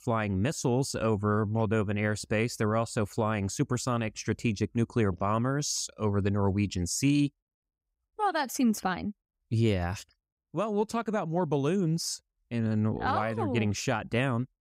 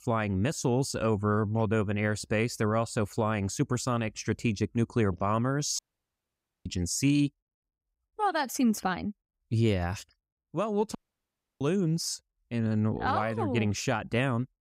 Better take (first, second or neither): first